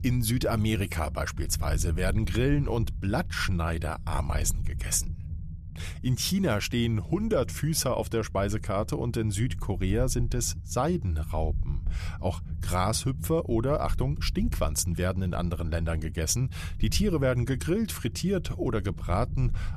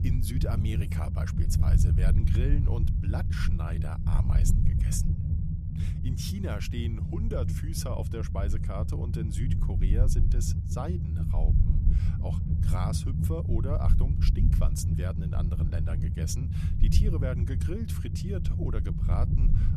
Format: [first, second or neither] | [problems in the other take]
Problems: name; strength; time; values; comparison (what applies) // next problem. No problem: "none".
first | low rumble; loud; throughout; 2 dB below the speech; faint in the first